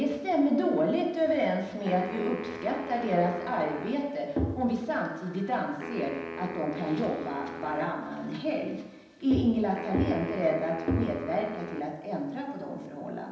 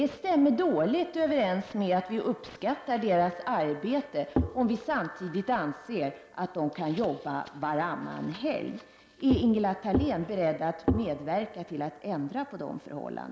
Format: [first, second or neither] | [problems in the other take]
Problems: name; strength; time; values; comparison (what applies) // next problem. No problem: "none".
second | background sound (Wind instrument, woodwind instrument); 13 dB below the speech // room echo; dies away in 0.9 s